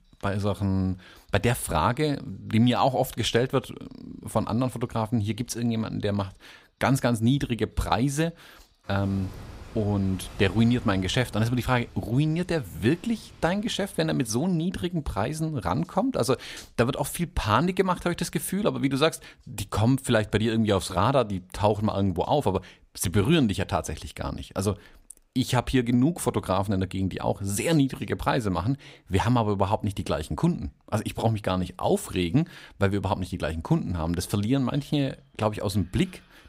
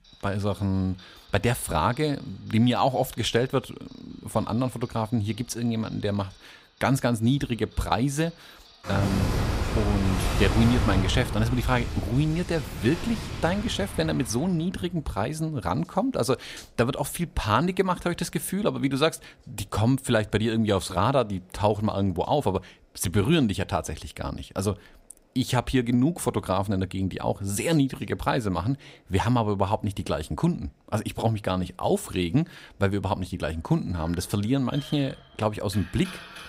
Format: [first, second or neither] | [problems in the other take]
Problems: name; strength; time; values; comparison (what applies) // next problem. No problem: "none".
first | household noises; loud; throughout; 5 dB below the speech; faint in the first